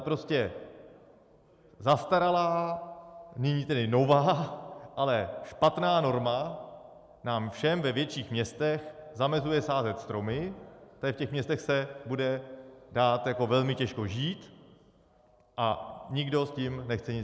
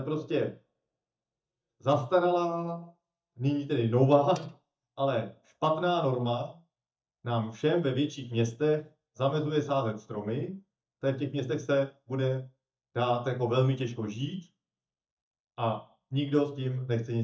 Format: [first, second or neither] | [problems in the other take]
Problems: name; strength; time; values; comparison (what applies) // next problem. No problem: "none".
first | noise reduction (neural mask model DeepFilterNet 3)